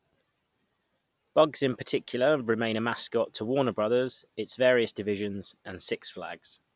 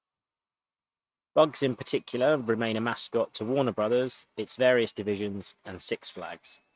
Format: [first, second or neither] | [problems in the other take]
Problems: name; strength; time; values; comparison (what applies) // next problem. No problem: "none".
first | noise reduction (neural mask model RNNoise)